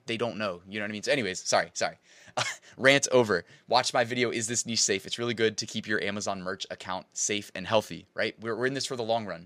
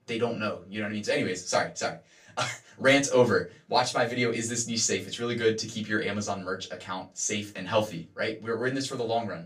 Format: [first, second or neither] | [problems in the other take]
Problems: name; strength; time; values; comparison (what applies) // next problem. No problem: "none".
first | off-mic speech; far // room echo; very slight; dies away in 0.2 s